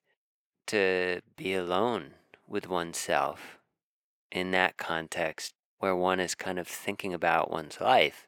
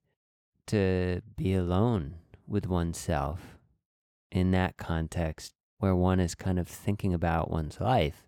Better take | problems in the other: second | thin; very; fading below 450 Hz

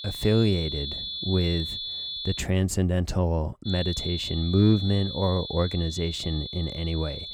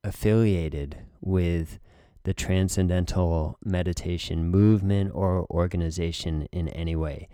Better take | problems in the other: second | high-pitched whine; loud; until 2.5 s and from 3.5 s on; 3.5 kHz, 6 dB below the speech

